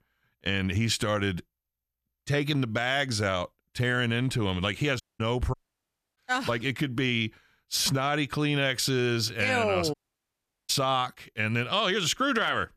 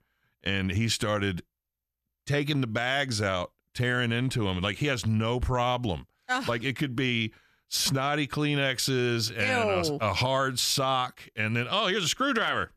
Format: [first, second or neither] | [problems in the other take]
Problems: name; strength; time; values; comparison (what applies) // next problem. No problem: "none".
second | audio cutting out; at 5 s, at 5.5 s for 0.5 s and at 10 s for 1 s